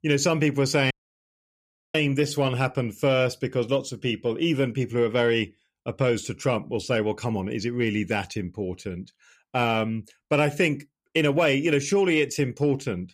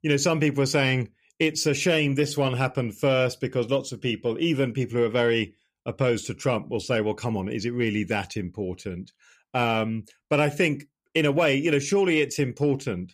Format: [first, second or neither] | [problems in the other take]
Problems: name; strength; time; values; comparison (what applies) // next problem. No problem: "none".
second | audio cutting out; at 1 s for 1 s